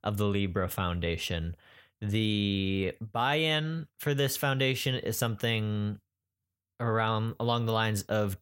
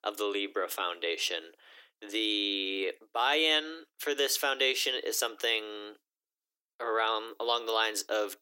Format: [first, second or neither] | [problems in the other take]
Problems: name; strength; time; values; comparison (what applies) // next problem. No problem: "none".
first | thin; very; fading below 300 Hz